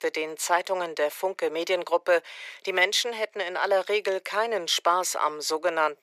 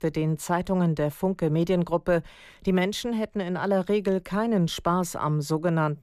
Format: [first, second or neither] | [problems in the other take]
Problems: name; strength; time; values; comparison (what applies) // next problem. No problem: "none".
second | thin; very; fading below 450 Hz